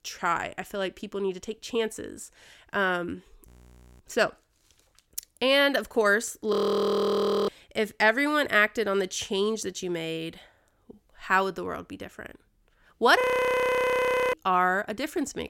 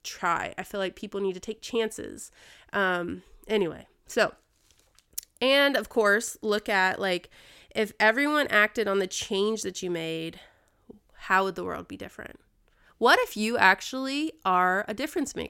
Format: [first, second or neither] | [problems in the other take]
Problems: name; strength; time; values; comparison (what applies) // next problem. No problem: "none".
second | audio freezing; at 3.5 s for 0.5 s, at 6.5 s for 1 s and at 13 s for 1 s